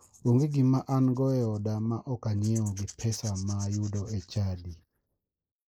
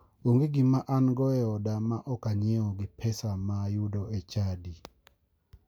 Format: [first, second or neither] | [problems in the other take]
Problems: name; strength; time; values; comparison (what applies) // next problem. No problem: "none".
second | noise reduction (neural mask model Resemble Enhance denoiser)